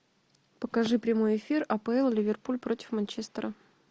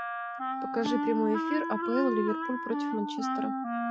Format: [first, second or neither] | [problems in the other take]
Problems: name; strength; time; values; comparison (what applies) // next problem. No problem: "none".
first | noise reduction (classical method Wiener filter)